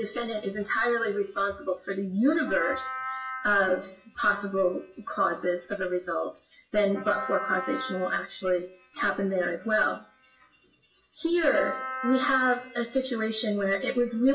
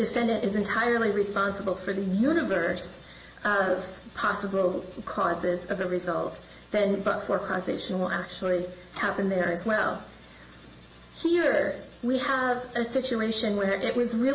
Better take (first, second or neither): second